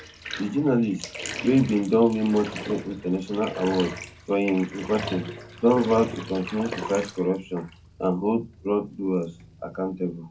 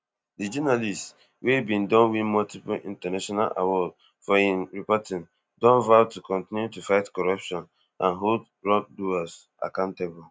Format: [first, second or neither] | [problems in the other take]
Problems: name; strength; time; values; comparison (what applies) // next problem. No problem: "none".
second | background sound (Bathtub (filling or washing)); 13 dB below the speech // room echo; dies away in 0.3 s